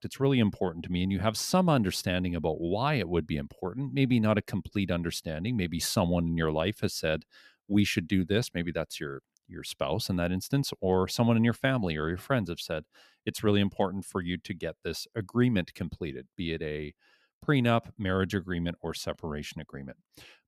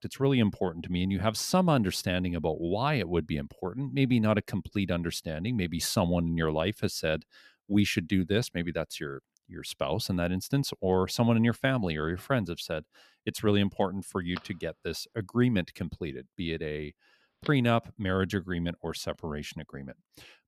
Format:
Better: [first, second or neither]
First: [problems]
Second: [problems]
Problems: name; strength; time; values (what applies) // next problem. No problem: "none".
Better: first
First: none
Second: phone ringing; faint; from 14 to 17 s; peak 15 dB below the speech